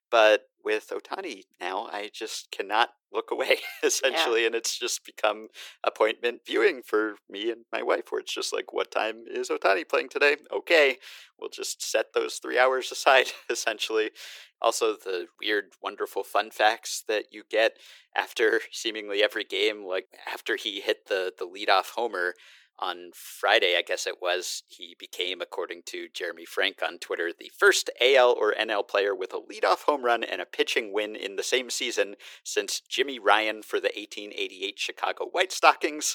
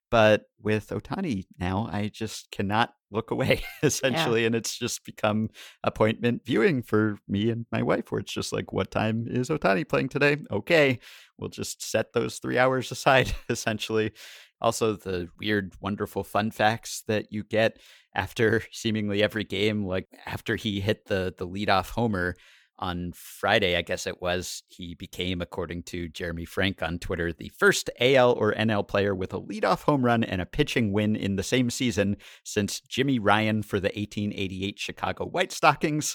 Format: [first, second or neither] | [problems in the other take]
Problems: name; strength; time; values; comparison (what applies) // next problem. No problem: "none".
second | thin; very; fading below 350 Hz